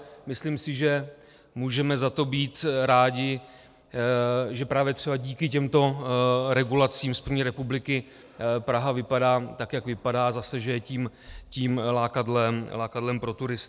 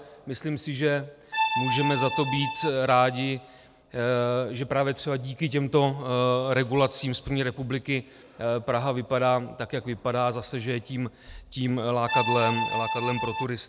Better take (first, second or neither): first